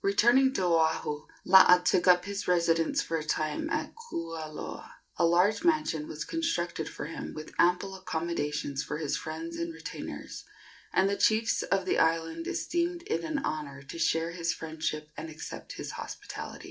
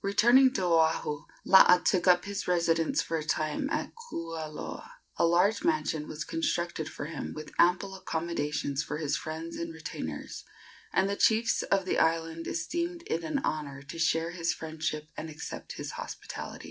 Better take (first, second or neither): second